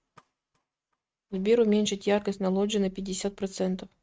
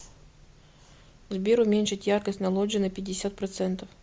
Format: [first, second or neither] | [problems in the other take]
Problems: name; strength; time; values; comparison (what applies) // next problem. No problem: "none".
second | noise reduction (neural mask model RNNoise)